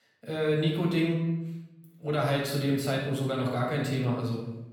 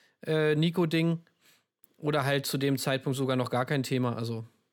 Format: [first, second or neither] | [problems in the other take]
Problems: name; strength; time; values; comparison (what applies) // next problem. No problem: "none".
second | off-mic speech; far // room echo; noticeable; dies away in 0.9 s